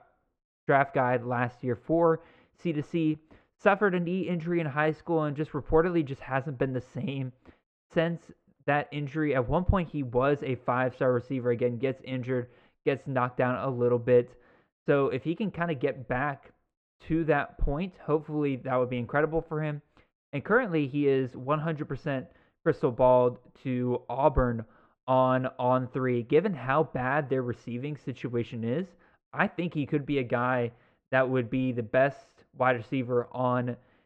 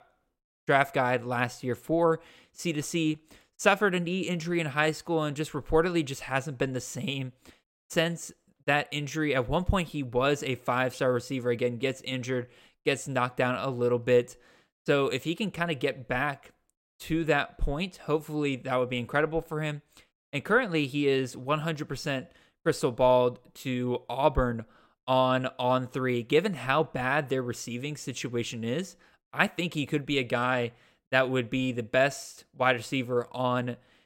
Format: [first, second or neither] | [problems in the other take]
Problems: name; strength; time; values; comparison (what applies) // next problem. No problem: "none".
second | muffled; very; fading above 1.5 kHz